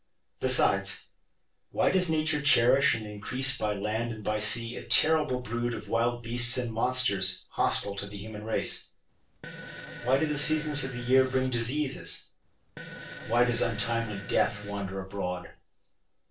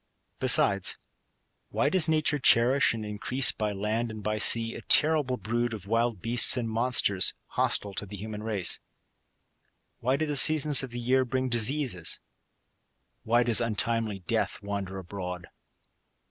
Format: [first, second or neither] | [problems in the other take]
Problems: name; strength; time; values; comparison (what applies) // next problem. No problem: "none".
second | noise reduction (neural separator model SepFormer DNS4)